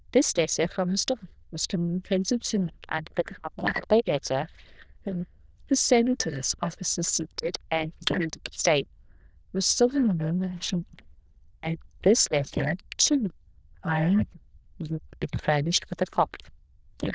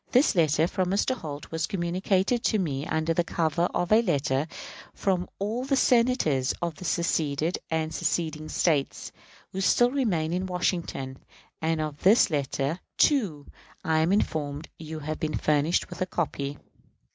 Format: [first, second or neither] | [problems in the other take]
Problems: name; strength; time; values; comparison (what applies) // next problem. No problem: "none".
second | noise reduction (neural diffusion model UNIVERSE++)